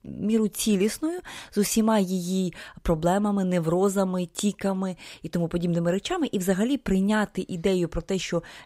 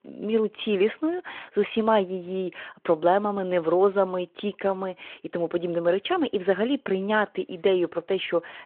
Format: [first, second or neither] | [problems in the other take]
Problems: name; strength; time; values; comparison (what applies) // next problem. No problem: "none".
first | phone-call audio